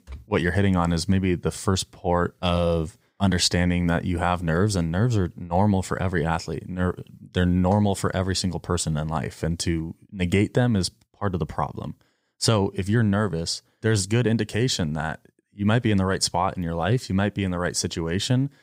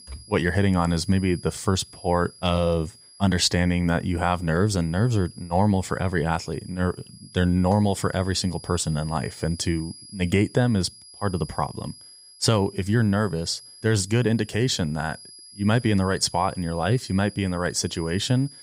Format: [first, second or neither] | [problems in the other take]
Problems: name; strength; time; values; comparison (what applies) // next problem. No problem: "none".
first | high-pitched whine; noticeable; throughout; 5 kHz, 20 dB below the speech